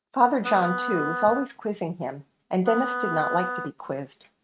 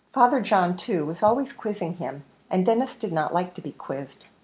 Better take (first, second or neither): second